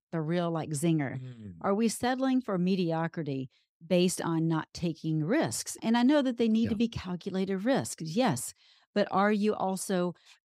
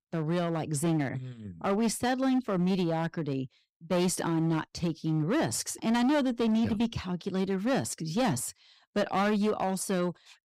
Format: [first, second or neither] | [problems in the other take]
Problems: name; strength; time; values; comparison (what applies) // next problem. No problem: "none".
first | distortion; slight; 12% of the sound clipped